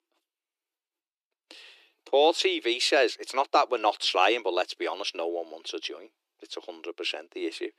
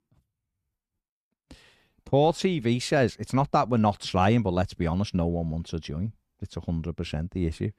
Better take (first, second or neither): second